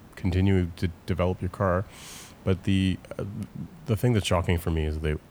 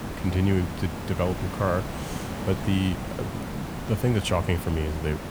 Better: first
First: hiss; faint; throughout; 25 dB below the speech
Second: hiss; loud; throughout; 7 dB below the speech

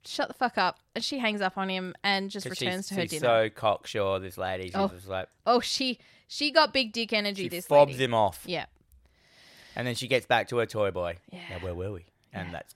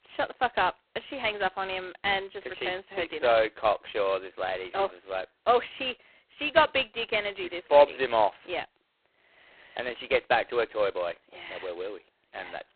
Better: first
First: none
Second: phone-call audio; poor line; nothing above 4 kHz

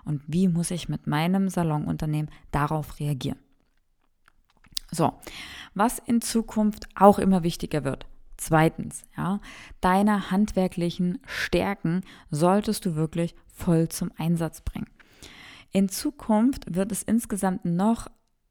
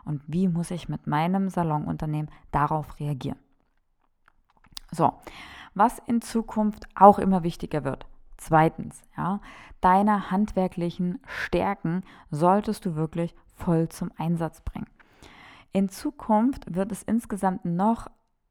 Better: first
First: none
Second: muffled; slightly; fading above 3 kHz

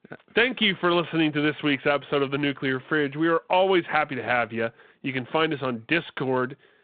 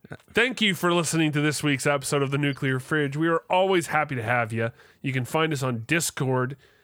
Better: second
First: phone-call audio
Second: none

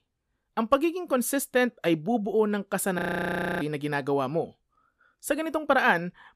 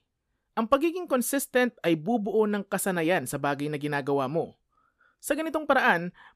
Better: second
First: audio freezing; at 3 s for 0.5 s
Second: none

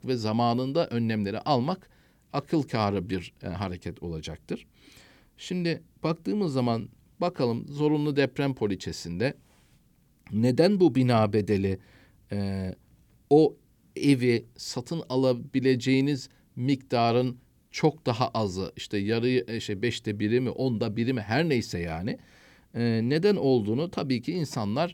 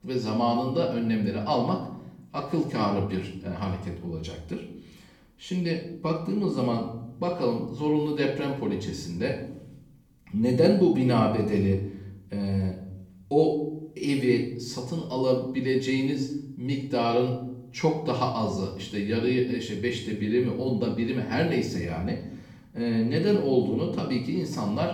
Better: first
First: none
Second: off-mic speech; far // room echo; noticeable; dies away in 0.7 s

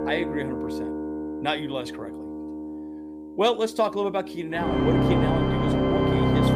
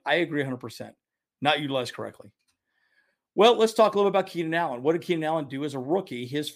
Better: second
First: background music; very loud; throughout; 2 dB above the speech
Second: none

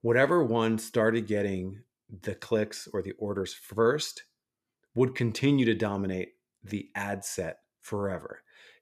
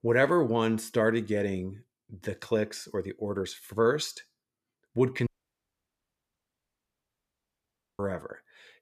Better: first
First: none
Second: audio cutting out; at 5.5 s for 2.5 s

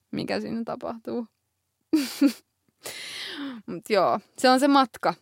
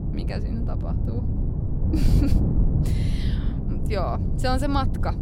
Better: first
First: none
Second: wind noise on the microphone; heavy; 6 dB below the speech

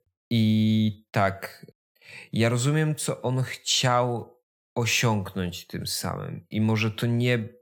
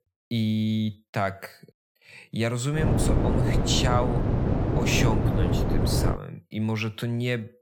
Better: first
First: none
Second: wind noise on the microphone; heavy; from 3 to 6 s; as loud as the speech

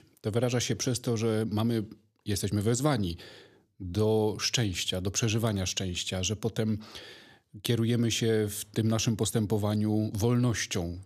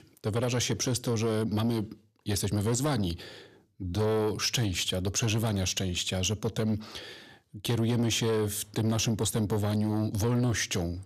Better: first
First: none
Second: distortion; slight; 10 dB below the speech

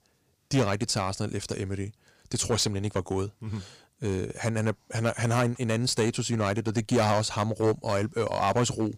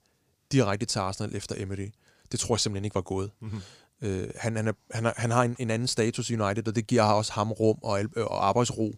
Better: second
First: distortion; slight; 4% of the sound clipped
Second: none

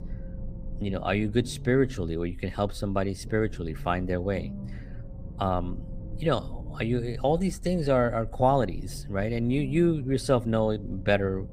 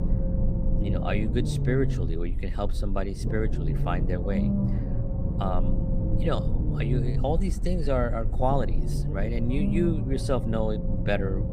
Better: first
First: low rumble; faint; throughout; 20 dB below the speech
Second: low rumble; loud; throughout; 6 dB below the speech

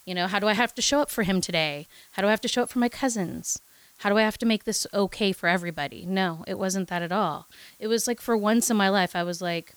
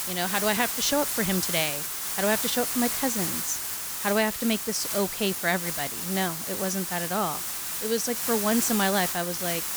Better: first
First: hiss; faint; throughout; 30 dB below the speech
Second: hiss; loud; throughout; 1 dB below the speech

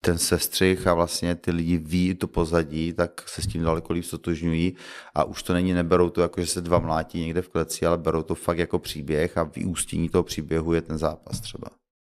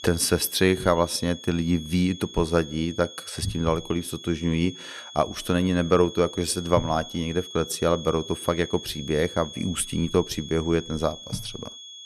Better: first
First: none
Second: high-pitched whine; noticeable; throughout; 3.5 kHz, 15 dB below the speech

